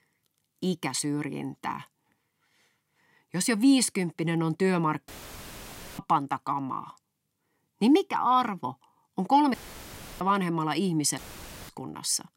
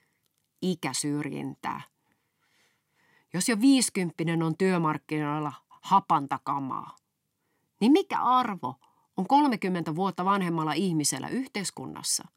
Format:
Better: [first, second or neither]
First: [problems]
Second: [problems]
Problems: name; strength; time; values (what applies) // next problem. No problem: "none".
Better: second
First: audio cutting out; filled with static; at 5 s for 1 s, at 9.5 s for 0.5 s and at 11 s for 0.5 s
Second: none